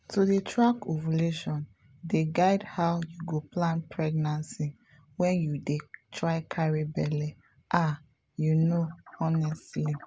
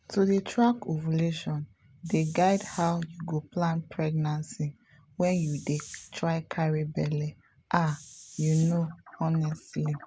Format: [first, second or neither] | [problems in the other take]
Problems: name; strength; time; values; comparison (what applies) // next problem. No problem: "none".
first | background sound (Hiss); 19 dB below the speech